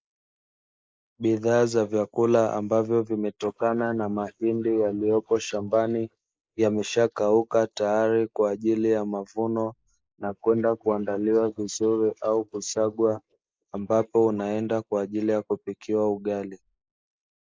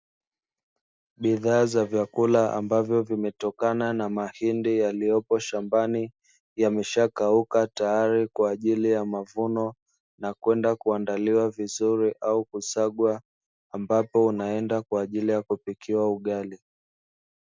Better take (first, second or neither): second